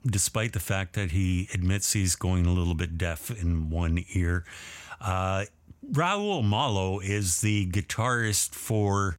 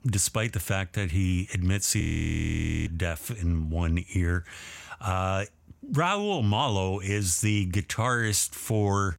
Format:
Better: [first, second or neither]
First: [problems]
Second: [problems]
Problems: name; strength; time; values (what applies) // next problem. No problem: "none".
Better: first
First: none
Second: audio freezing; at 2 s for 1 s